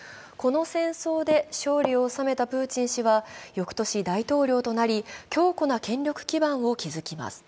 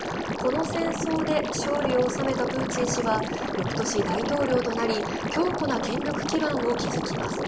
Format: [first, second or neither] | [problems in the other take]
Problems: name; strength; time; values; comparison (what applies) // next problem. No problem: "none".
first | background sound (Liquid); 1 dB below the speech // room echo; dies away in 0.9 s